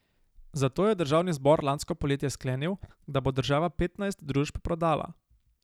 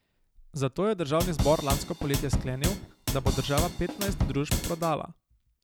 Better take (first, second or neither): first